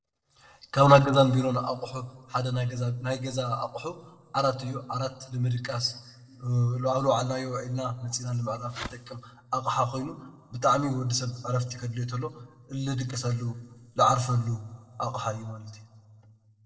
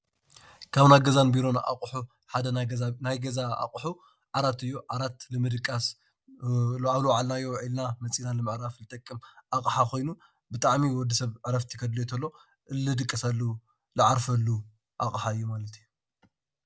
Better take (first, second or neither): second